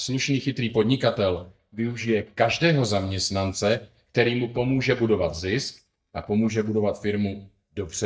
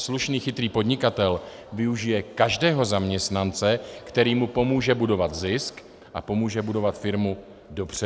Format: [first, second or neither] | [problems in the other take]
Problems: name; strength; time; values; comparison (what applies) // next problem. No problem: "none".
second | noise reduction (neural mask model DeepFilterNet 3)